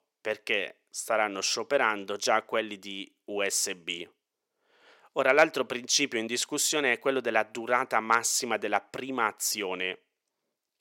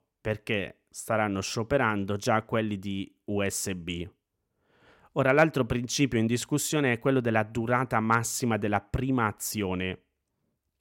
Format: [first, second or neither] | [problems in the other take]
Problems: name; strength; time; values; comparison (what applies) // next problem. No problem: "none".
second | thin; somewhat; fading below 450 Hz